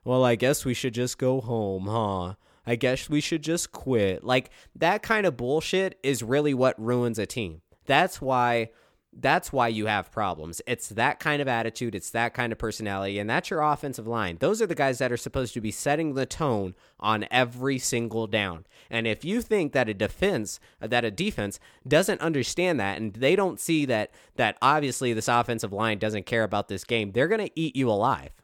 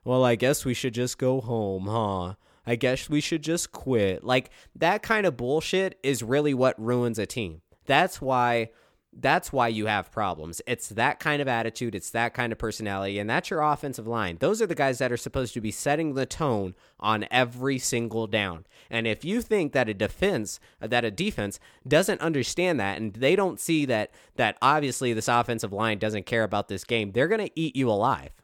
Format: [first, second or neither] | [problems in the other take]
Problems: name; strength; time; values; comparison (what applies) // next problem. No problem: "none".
neither | none